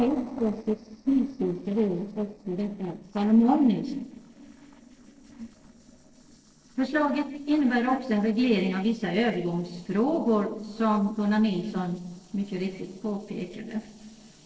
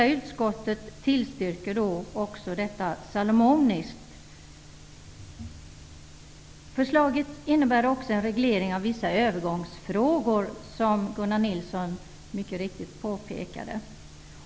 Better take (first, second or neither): second